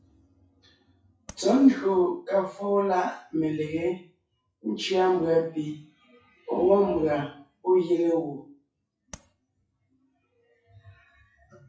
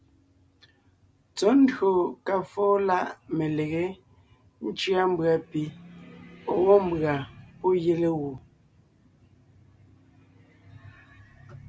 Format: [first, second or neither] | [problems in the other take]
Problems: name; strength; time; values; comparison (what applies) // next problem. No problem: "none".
second | noise reduction (classical method WPE with log-MMSE)